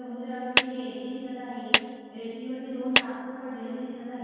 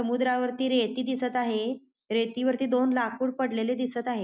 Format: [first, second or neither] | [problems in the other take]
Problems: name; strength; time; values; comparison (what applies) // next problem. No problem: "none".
second | background sound (Clapping); 4 dB above the speech // room echo; dies away in 2.1 s